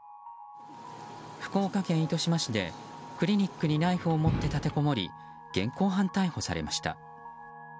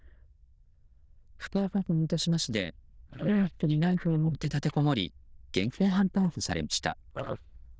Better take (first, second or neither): first